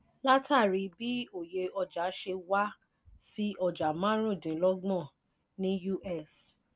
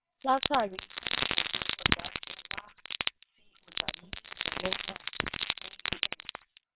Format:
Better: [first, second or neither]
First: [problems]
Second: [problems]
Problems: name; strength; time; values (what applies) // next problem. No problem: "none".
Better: first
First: none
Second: noise reduction (neural separator model SepFormer WHAMR!)